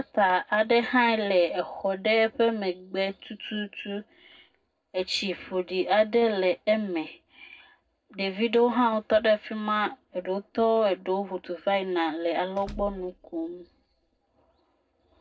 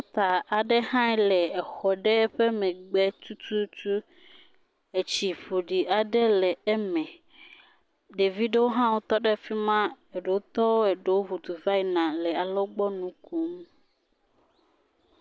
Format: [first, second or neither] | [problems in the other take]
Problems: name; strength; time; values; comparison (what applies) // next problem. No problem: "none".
second | noise reduction (neural separator model SepFormer DNS4)